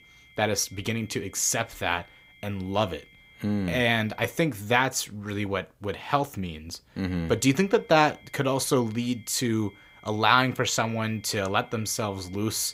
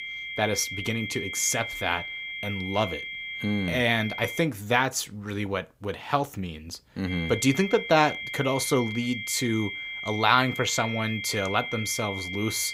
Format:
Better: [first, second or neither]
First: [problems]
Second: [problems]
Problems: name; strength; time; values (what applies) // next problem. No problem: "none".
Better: first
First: high-pitched whine; faint; until 4.5 s and from 7 s on; 2 kHz, 25 dB below the speech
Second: high-pitched whine; loud; until 4.5 s and from 7 s on; 2 kHz, 6 dB below the speech